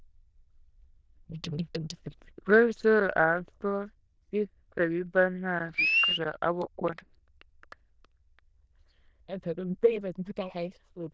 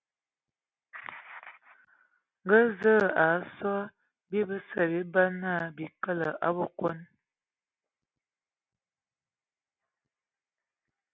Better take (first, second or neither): second